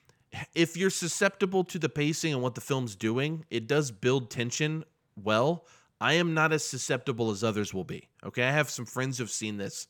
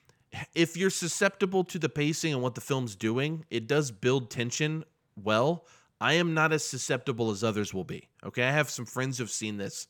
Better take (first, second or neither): neither